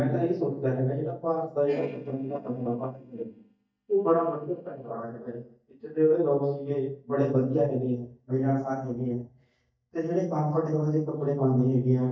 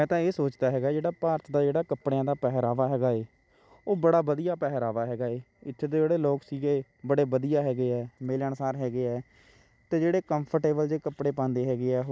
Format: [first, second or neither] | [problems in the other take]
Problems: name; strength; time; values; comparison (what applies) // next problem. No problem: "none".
second | noise reduction (neural mask model DeepFilterNet 3)